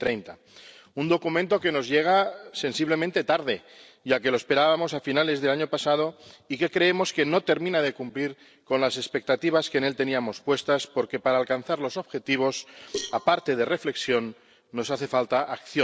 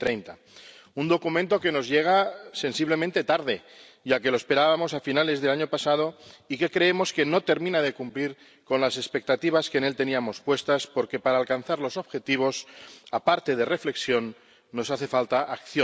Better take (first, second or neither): second